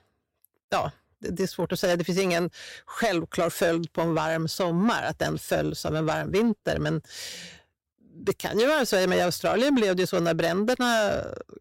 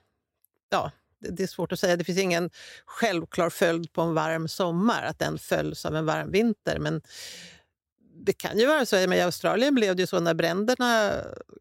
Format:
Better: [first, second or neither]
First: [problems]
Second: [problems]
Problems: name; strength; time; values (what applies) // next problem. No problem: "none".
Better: second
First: distortion; slight; 10 dB below the speech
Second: none